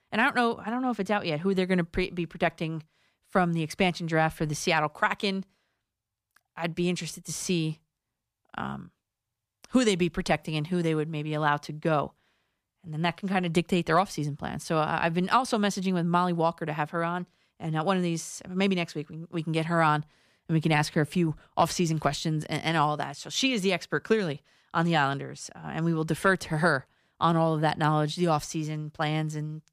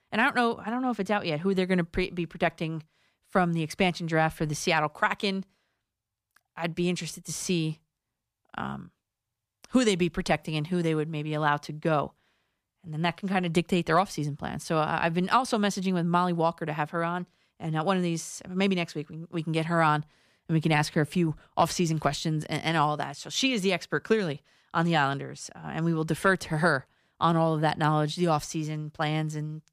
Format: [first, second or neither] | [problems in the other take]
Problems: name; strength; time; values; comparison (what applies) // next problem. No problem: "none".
neither | none